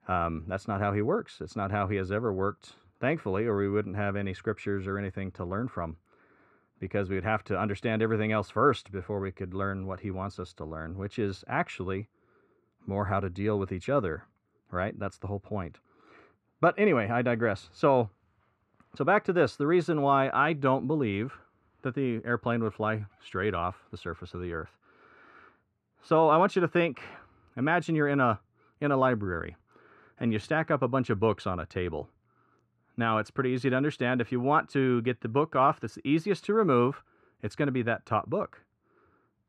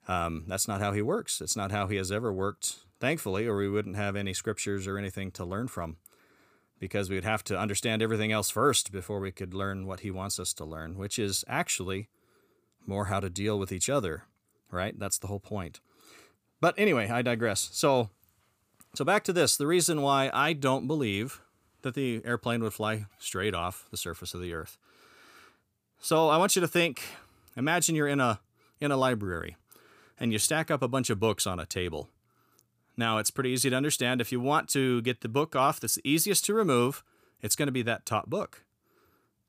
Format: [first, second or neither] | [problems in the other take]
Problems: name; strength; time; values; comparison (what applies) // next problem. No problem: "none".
second | muffled; very; fading above 1.5 kHz